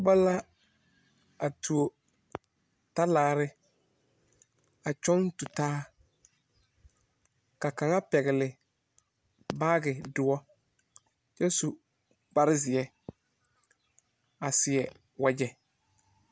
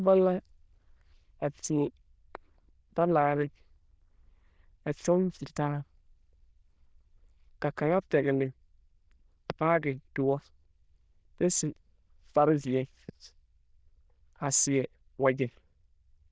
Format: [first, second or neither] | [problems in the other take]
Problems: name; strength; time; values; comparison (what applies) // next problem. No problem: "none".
first | noise reduction (neural diffusion model UNIVERSE++)